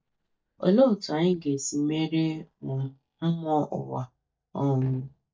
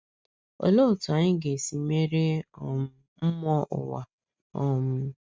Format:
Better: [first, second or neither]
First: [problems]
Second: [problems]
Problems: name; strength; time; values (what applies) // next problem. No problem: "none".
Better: second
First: noise reduction (neural mask model DeepFilterNet 3)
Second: none